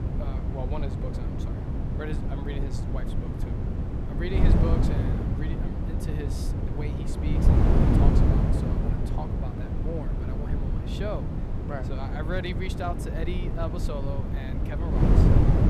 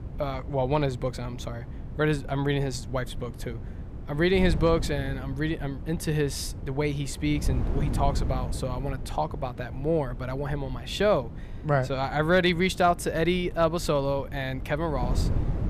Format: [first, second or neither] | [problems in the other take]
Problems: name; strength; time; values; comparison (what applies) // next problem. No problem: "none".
second | wind noise on the microphone; heavy; 2 dB above the speech; occasional gusts in the second